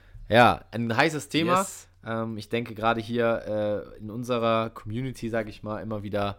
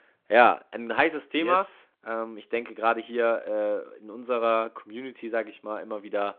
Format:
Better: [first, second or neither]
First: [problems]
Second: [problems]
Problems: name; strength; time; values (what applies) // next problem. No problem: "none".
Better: first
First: none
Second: phone-call audio; nothing above 3.5 kHz